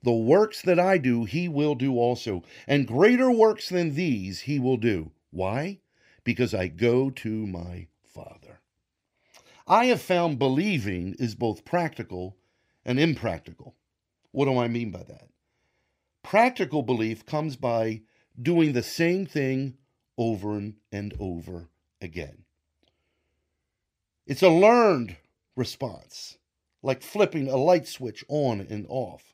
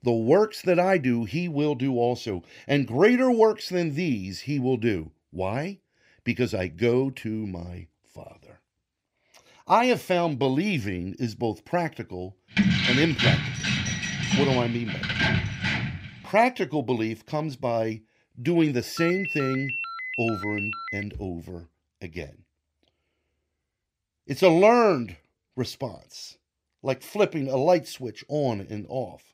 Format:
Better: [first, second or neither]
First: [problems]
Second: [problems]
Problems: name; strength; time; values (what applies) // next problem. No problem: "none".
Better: first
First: none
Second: jangling keys; loud; from 13 to 16 s; peak 4 dB above the speech // phone ringing; noticeable; from 19 to 21 s; peak 5 dB below the speech